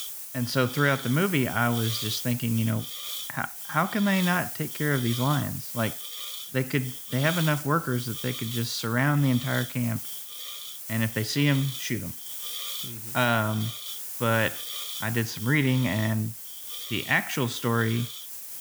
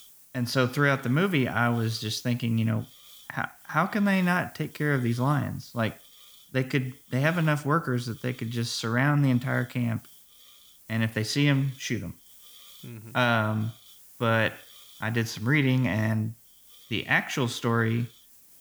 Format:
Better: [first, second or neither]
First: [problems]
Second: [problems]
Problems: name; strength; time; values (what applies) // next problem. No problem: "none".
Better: second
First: hiss; loud; throughout; 7 dB below the speech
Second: hiss; faint; throughout; 25 dB below the speech